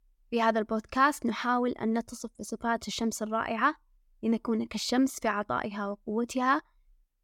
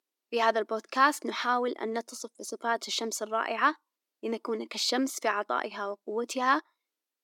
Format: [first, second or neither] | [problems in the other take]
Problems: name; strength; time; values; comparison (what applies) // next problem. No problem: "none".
first | thin; somewhat; fading below 300 Hz